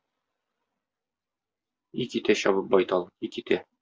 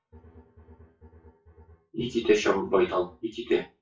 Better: first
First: none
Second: noise reduction (classical method WPE with log-MMSE)

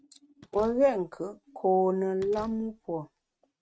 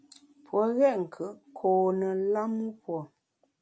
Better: second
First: noise reduction (neural mask model RNNoise)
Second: none

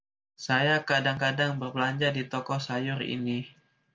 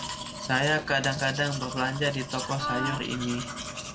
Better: first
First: none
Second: background sound (Domestic sounds, home sounds + Wind instrument, woodwind instrument); 6 dB below the speech

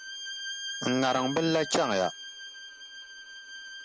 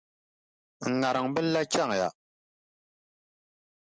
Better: second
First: background sound (Bowed string instrument); 9 dB below the speech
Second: none

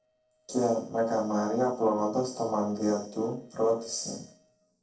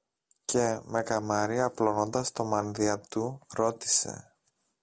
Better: second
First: noise reduction (neural separator model SepFormer DNS4)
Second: none

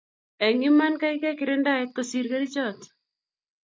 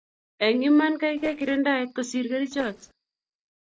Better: first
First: none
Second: noise reduction (neural separator model SepFormer DNS4)

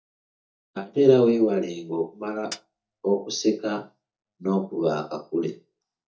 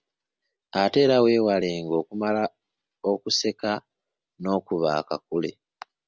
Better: second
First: noise reduction (neural mask model DeepFilterNet 3)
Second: none

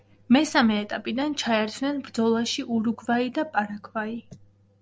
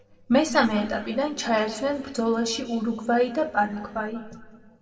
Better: first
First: none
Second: noise reduction (neural separator model SepFormer DNS4)

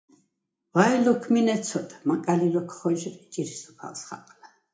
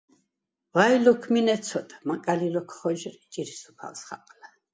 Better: second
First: room echo; dies away in 0.4 s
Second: none

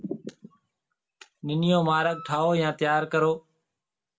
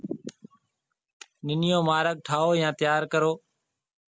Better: second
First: background sound (Wind instrument, woodwind instrument); 20 dB below the speech // room echo; dies away in 0.2 s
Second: none

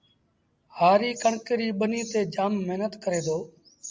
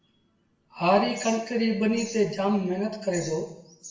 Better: first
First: none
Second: room echo; dies away in 0.8 s

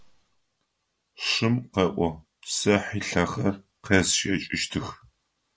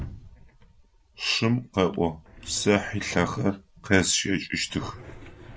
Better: first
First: none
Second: background sound (Drawer open or close); 17 dB below the speech

